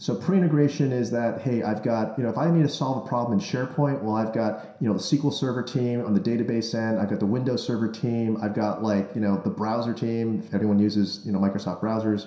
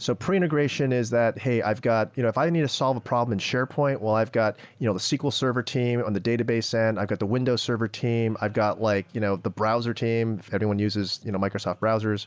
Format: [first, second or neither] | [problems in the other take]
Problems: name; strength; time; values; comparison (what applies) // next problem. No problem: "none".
second | room echo; dies away in 0.7 s